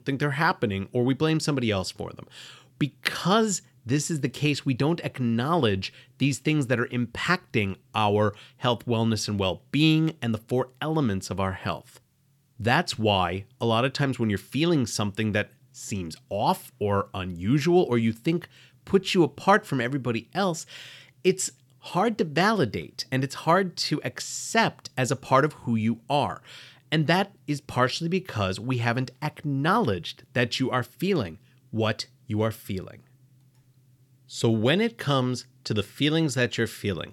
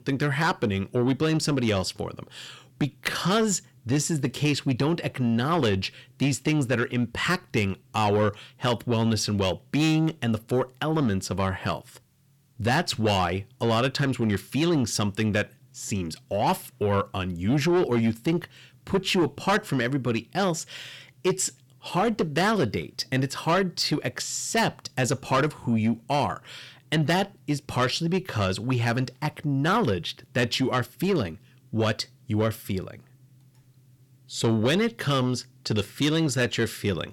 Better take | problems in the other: first | distortion; slight; 10 dB below the speech

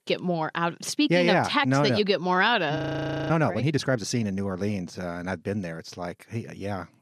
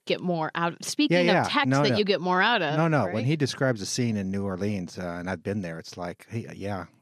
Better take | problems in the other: second | audio freezing; at 3 s for 0.5 s

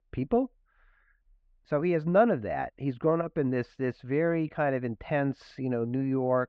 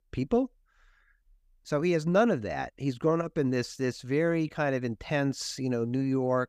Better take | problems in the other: second | muffled; very; fading above 2.5 kHz

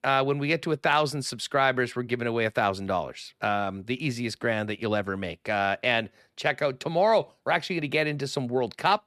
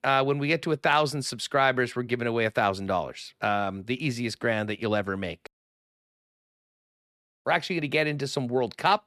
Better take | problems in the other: first | audio cutting out; at 5.5 s for 2 s

